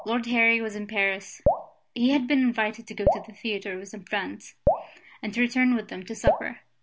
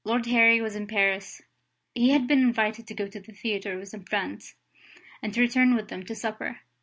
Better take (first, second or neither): second